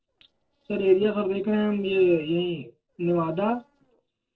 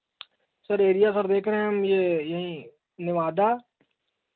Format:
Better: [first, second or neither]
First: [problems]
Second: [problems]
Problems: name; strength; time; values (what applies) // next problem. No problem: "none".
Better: second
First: noise reduction (neural separator model SepFormer DNS4)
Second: none